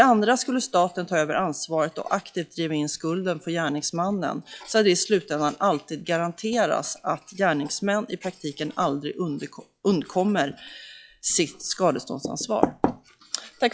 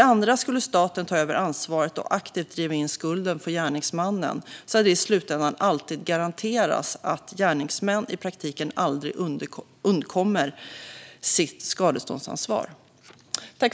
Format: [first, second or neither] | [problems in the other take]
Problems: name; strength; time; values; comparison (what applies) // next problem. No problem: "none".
second | noise reduction (classical method log-MMSE)